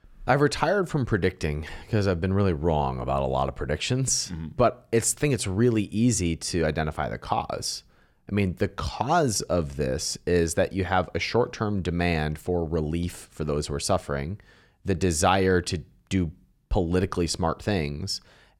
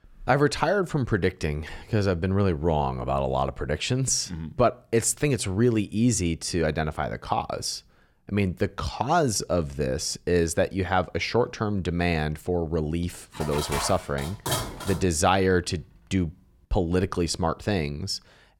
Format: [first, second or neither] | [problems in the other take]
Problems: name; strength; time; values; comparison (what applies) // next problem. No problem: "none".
first | clattering dishes; noticeable; from 13 to 15 s; peak 2 dB below the speech